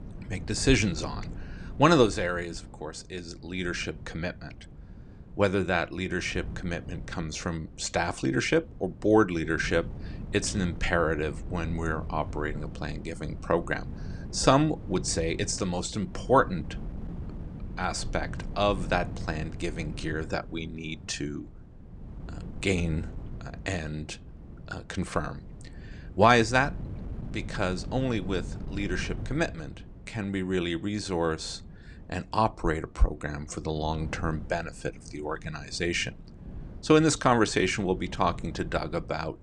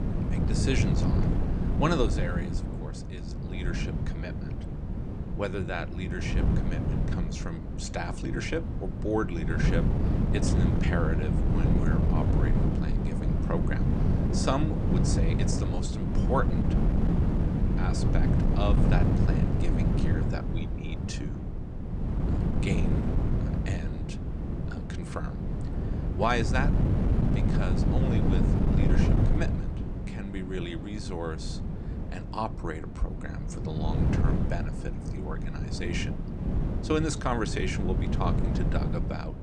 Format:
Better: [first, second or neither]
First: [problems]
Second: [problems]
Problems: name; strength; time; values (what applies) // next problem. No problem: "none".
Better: first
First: wind noise on the microphone; occasional gusts; 20 dB below the speech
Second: wind noise on the microphone; heavy; 2 dB below the speech